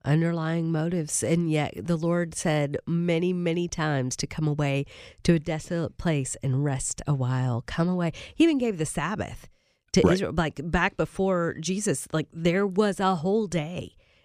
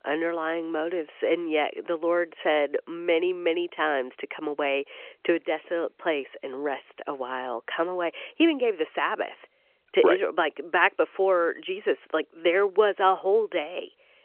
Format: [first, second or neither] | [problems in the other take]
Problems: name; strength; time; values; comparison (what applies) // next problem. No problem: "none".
first | phone-call audio; nothing above 3 kHz